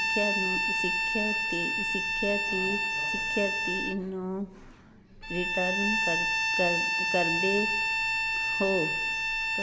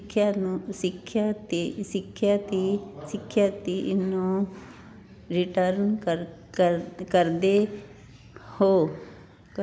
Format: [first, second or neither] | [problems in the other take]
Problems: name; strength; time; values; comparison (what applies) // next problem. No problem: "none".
second | background sound (Bowed string instrument); 4 dB above the speech